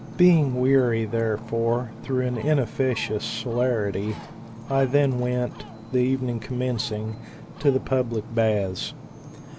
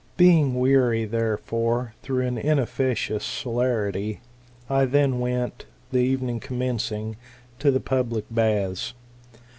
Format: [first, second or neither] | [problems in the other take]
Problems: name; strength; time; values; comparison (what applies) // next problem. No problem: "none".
second | background sound (Ocean); 15 dB below the speech